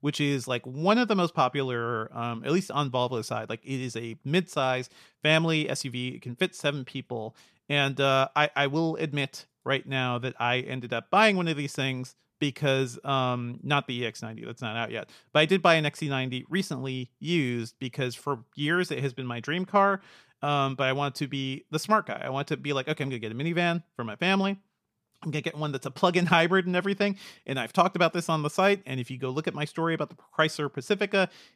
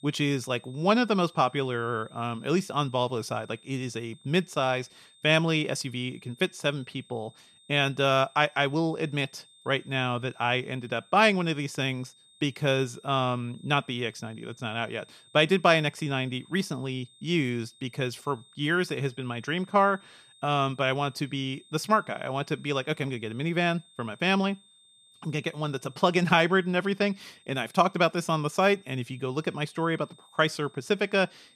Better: first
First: none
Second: high-pitched whine; faint; throughout; 3.5 kHz, 30 dB below the speech

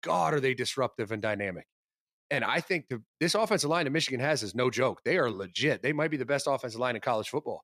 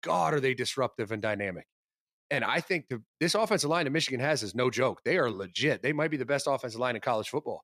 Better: neither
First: none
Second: none

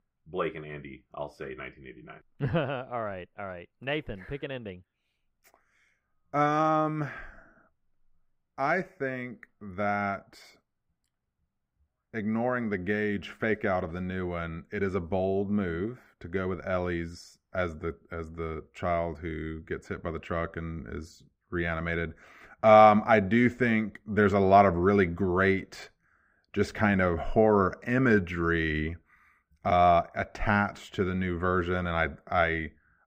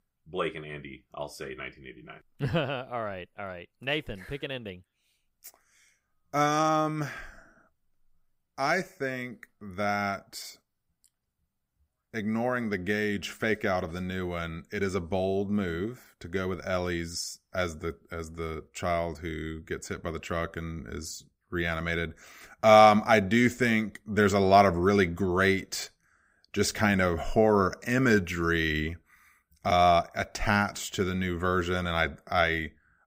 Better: second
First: muffled; slightly; fading above 3.5 kHz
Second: none

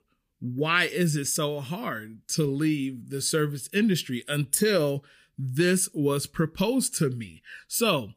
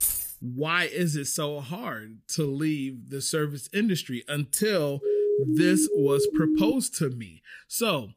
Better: first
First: none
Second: jangling keys; loud; at the start; peak 3 dB above the speech // siren; loud; from 5 to 6.5 s; peak 4 dB above the speech

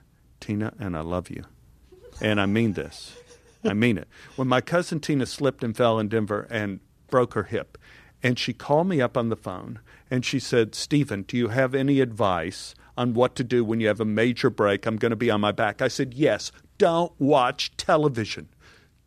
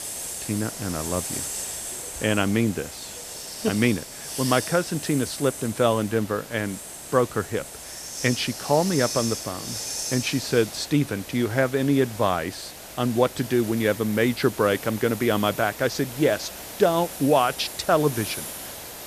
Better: first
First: none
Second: hiss; loud; throughout; 9 dB below the speech

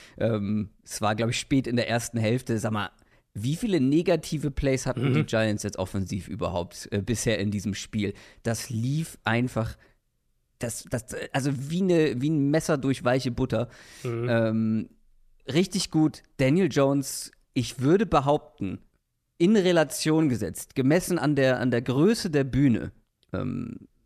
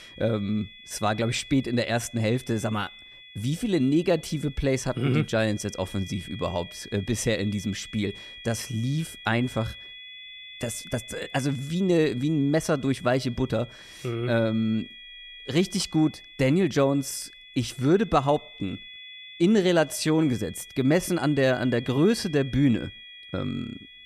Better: first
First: none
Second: high-pitched whine; noticeable; throughout; 3.5 kHz, 15 dB below the speech

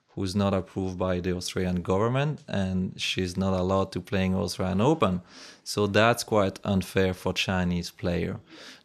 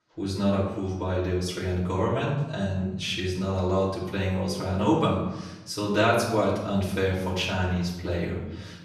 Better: first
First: none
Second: off-mic speech; far // room echo; noticeable; dies away in 0.8 s

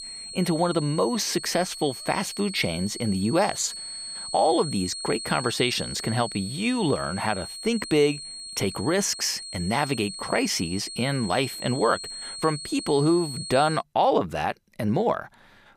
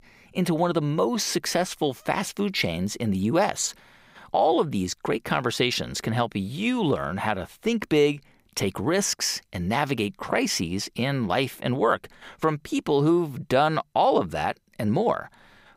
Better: second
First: high-pitched whine; loud; until 14 s; 4.5 kHz, 9 dB below the speech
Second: none

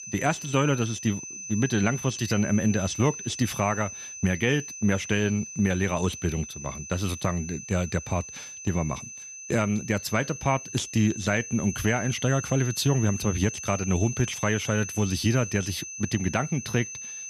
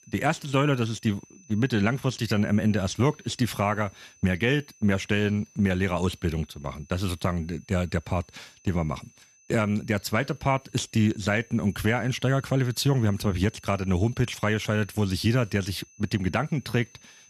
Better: second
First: high-pitched whine; loud; throughout; 6 kHz, 9 dB below the speech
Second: high-pitched whine; faint; throughout; 6 kHz, 25 dB below the speech

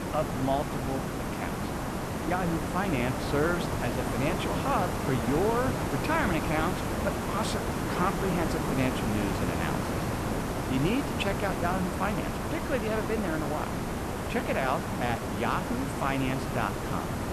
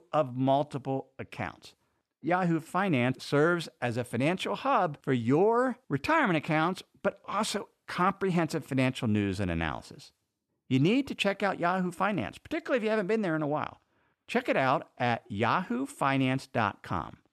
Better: second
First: hiss; loud; throughout; as loud as the speech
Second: none

